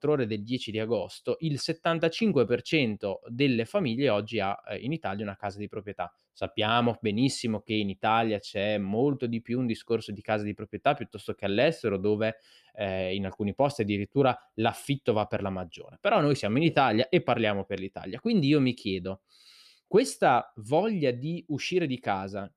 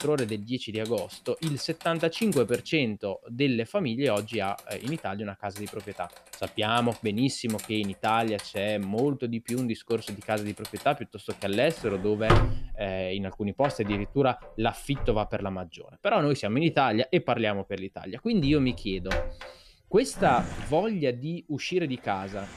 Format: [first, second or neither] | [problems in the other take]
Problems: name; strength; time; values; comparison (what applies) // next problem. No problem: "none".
first | household noises; loud; throughout; 9 dB below the speech